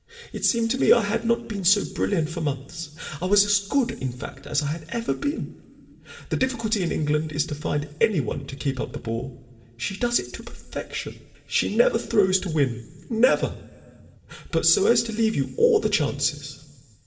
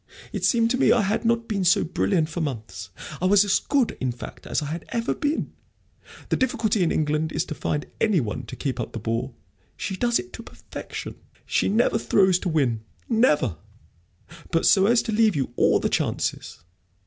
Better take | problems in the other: second | room echo; dies away in 2.4 s

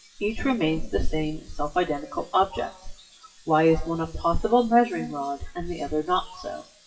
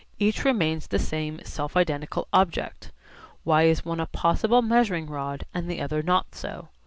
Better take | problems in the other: second | noise reduction (classical method WPE with log-MMSE)

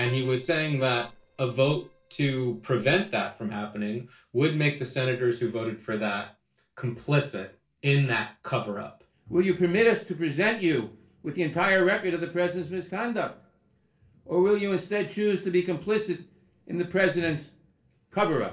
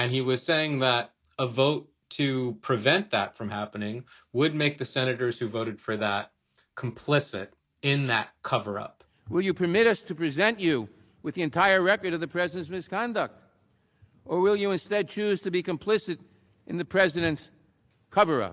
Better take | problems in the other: second | noise reduction (neural separator model SepFormer DNS4)

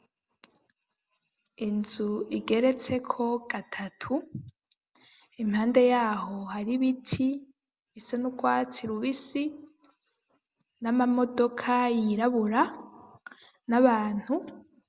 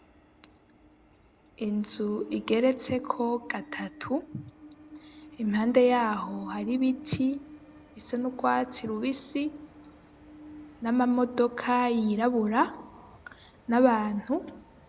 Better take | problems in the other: first | background sound (Train); 20 dB below the speech

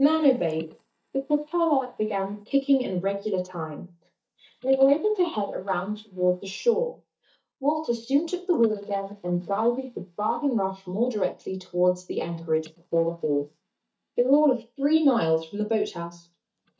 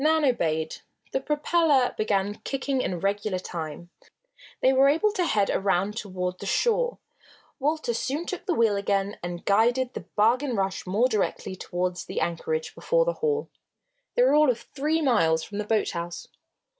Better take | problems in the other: second | noise reduction (neural mask model DeepFilterNet 3)

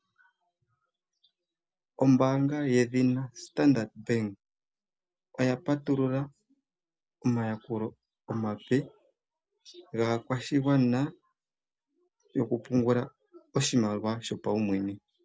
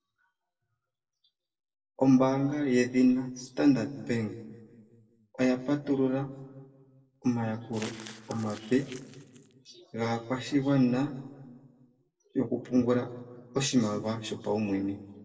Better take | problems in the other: first | noise reduction (neural separator model SepFormer DNS4)

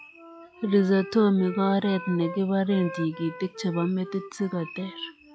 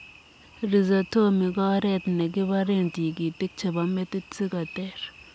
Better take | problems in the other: second | noise reduction (classical method log-MMSE)

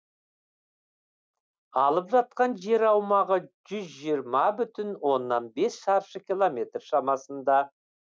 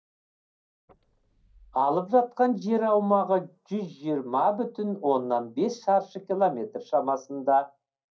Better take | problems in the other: first | noise reduction (neural mask model DeepFilterNet 3)

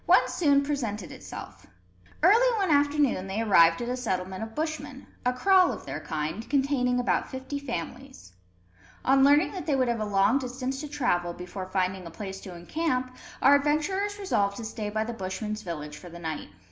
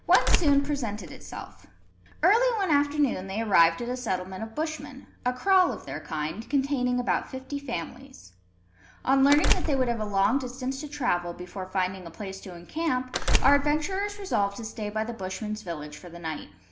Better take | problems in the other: first | background sound (Door); as loud as the speech

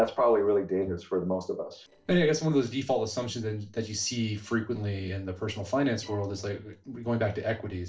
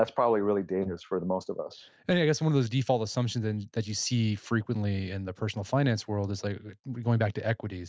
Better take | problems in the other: second | noise reduction (neural separator model SepFormer DNS4)

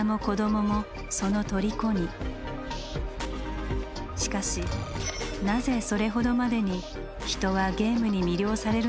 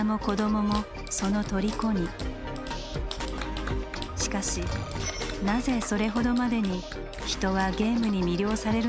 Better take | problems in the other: first | background sound (Clapping); 16 dB below the speech

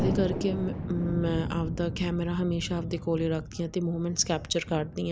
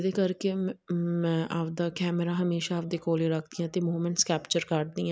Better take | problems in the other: second | background sound (Thunder); 5 dB below the speech

